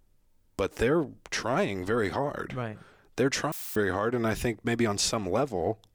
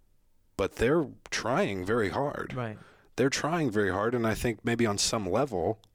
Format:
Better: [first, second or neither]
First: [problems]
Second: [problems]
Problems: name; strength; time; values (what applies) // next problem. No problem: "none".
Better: second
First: audio cutting out; filled with static; at 3.5 s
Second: none